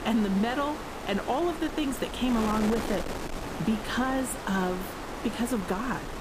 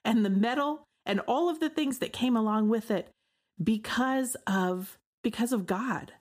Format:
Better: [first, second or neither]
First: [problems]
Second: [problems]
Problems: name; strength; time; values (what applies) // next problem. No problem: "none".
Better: second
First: wind noise on the microphone; heavy; 5 dB below the speech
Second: none